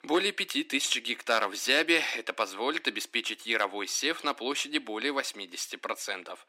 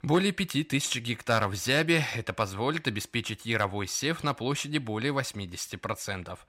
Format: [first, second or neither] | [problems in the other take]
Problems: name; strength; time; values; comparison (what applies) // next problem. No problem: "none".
second | thin; somewhat; fading below 250 Hz